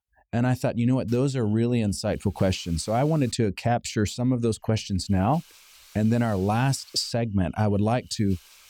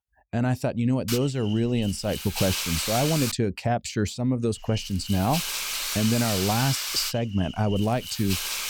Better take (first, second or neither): first